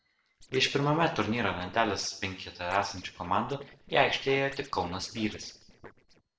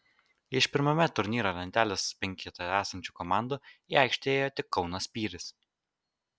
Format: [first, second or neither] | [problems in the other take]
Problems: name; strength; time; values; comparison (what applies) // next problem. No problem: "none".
second | noise reduction (neural separator model SepFormer DNS4)